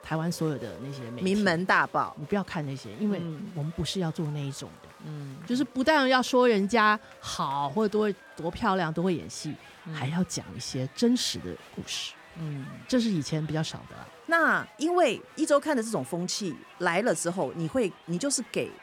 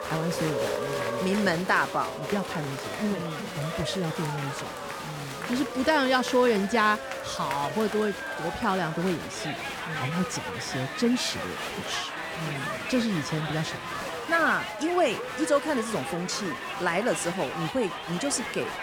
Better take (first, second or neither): first